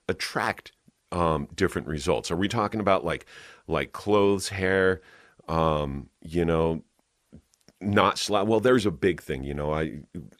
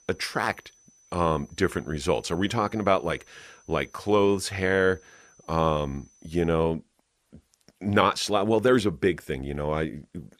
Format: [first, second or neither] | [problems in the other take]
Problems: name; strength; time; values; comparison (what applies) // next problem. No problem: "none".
first | high-pitched whine; faint; until 6.5 s; 6 kHz, 30 dB below the speech